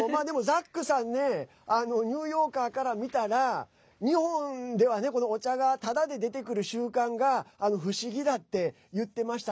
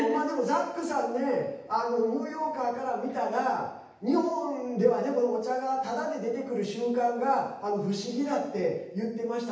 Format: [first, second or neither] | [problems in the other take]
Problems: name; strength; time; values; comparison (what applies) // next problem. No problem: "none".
first | room echo; dies away in 0.9 s